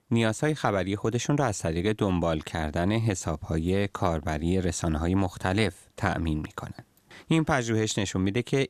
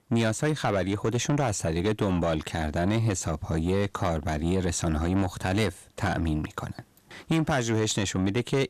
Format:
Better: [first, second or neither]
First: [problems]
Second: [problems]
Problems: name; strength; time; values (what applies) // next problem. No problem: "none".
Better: first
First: none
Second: distortion; slight; 10 dB below the speech